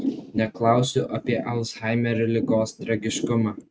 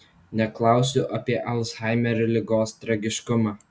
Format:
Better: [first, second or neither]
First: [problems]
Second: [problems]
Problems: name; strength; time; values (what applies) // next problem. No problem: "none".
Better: second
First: noise reduction (neural mask model RNNoise)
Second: none